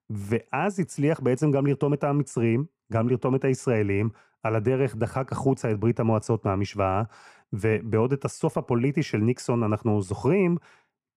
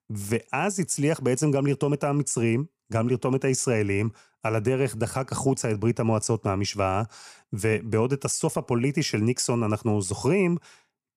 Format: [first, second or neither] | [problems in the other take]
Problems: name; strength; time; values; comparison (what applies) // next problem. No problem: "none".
second | muffled; slightly; fading above 3.5 kHz